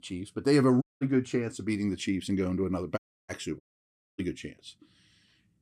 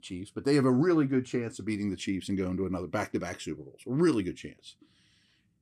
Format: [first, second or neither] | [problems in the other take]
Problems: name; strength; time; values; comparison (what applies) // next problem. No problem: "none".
second | audio cutting out; at 1 s, at 3 s and at 3.5 s for 0.5 s